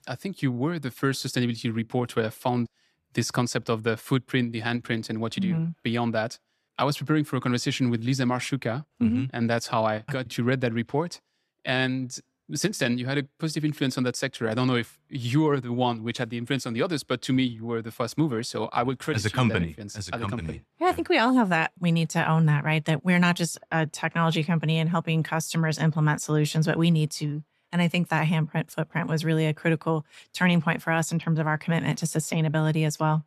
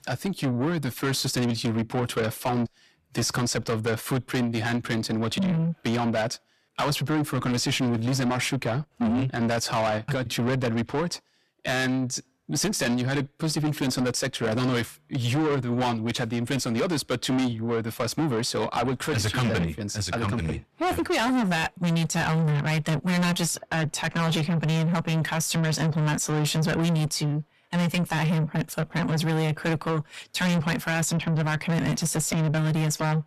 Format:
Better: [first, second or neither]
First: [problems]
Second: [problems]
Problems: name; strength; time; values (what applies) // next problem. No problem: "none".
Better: first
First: none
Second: distortion; heavy; 6 dB below the speech